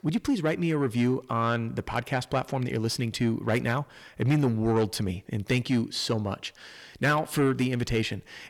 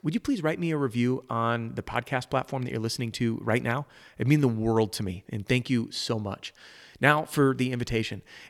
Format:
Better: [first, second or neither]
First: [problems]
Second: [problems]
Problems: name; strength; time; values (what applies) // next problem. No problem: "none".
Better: second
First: distortion; slight; 10 dB below the speech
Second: none